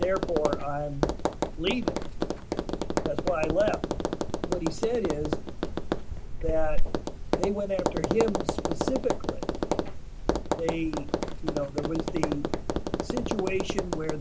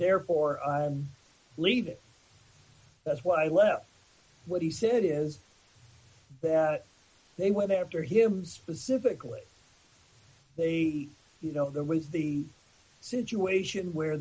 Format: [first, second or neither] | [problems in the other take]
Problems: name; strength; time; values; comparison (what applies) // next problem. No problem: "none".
second | background sound (Tap); 4 dB above the speech